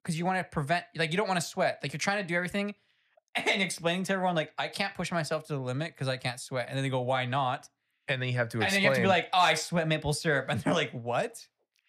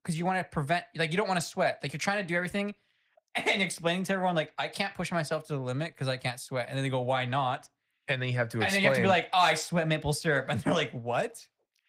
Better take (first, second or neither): first